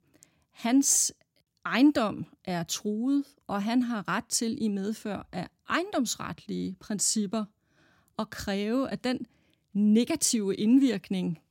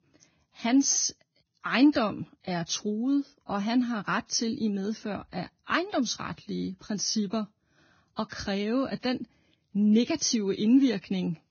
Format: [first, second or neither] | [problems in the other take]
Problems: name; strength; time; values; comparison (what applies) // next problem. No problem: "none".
first | garbled, watery; badly; nothing above 6.5 kHz